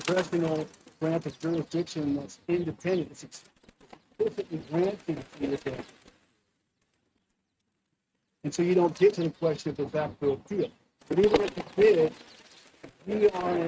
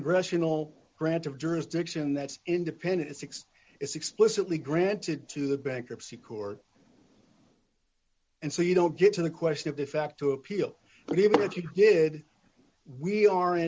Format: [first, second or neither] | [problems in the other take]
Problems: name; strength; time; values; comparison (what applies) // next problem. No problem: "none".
second | noise reduction (neural mask model RNNoise)